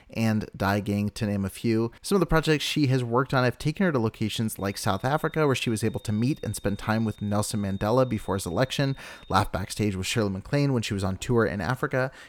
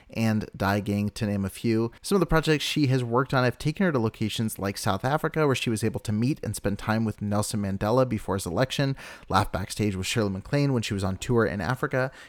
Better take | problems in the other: second | high-pitched whine; faint; from 4.5 to 9.5 s; 3.5 kHz, 30 dB below the speech

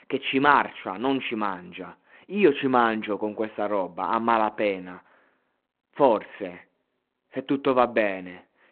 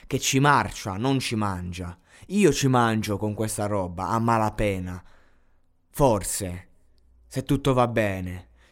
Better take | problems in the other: second | phone-call audio

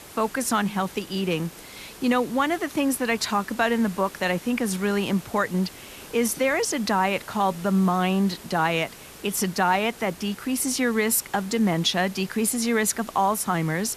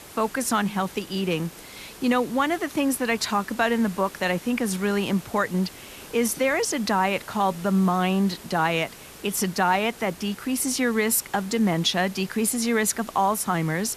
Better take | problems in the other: neither | hiss; noticeable; throughout; 20 dB below the speech; the same in both

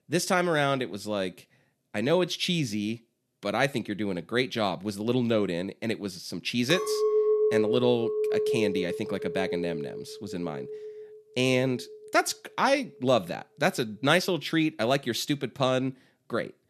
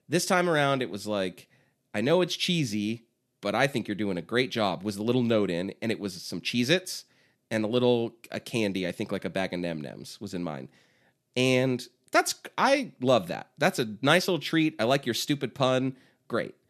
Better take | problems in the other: second | clattering dishes; loud; from 6.5 to 11 s; peak 4 dB above the speech

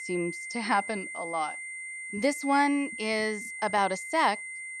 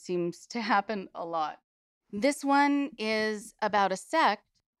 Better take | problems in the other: second | high-pitched whine; loud; throughout; 2 kHz, 8 dB below the speech

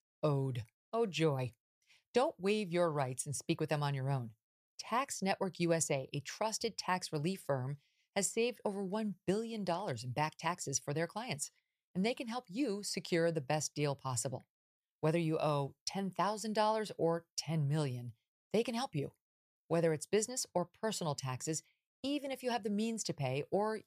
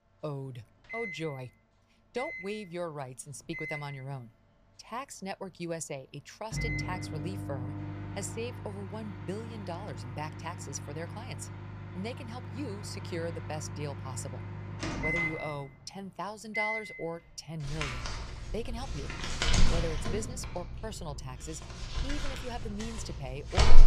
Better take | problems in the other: first | household noises; very loud; throughout; 3 dB above the speech

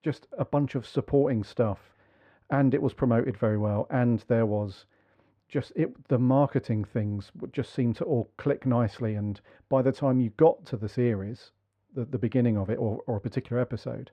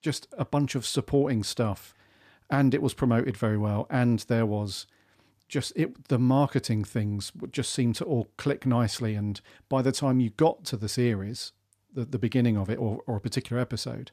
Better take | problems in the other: second | muffled; very; fading above 4 kHz

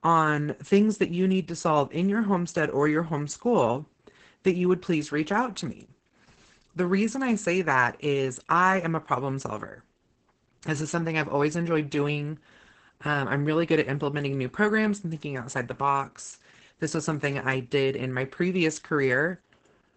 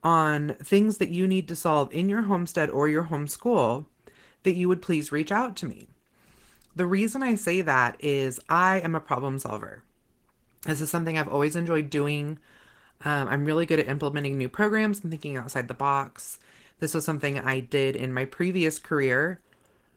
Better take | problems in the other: second | garbled, watery; badly; nothing above 8 kHz; slightly in the second

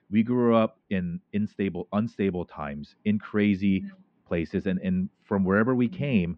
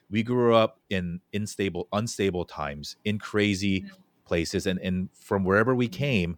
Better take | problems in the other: second | muffled; very; fading above 2.5 kHz

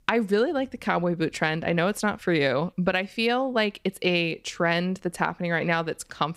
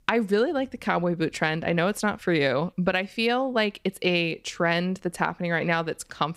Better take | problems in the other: neither | none

